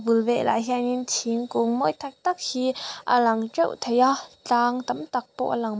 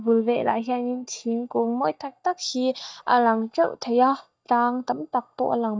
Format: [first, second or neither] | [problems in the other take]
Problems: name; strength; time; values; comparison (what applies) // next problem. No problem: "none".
first | noise reduction (neural mask model DeepFilterNet 3)